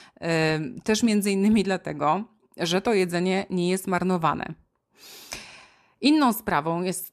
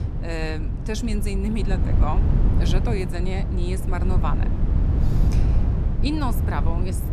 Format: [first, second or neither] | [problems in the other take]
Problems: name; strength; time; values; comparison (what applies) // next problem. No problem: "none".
first | low rumble; loud; throughout; 5 dB below the speech